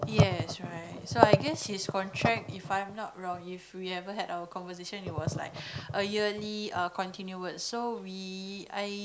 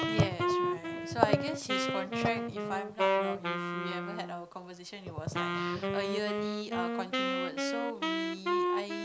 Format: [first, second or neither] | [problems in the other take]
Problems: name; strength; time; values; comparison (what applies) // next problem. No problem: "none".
first | background sound (Wind instrument, woodwind instrument); 3 dB above the speech